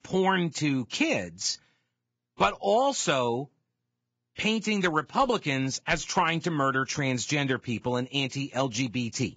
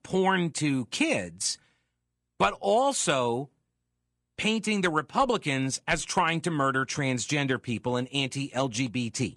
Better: second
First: garbled, watery; badly; nothing above 7.5 kHz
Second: garbled, watery; slightly

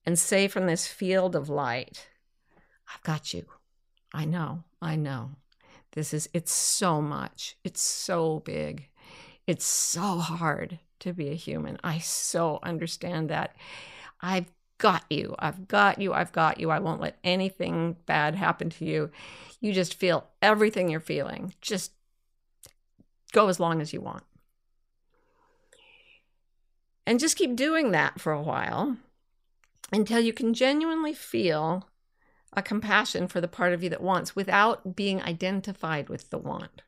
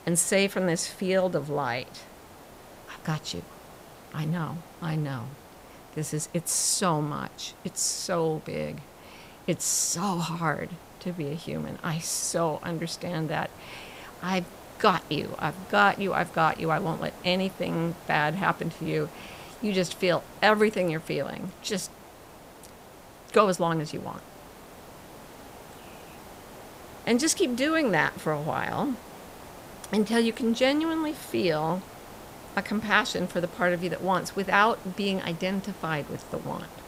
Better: first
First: none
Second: hiss; noticeable; throughout; 20 dB below the speech

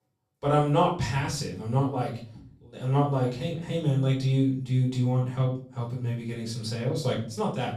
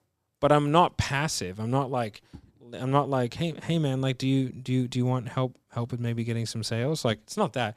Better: second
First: off-mic speech; far // room echo; slight; dies away in 0.5 s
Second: none

